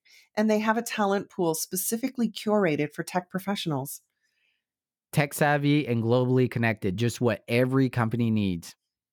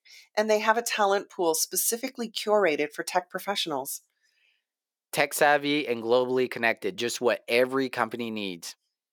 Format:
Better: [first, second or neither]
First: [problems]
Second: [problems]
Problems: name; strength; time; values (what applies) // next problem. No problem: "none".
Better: first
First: none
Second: thin; somewhat; fading below 450 Hz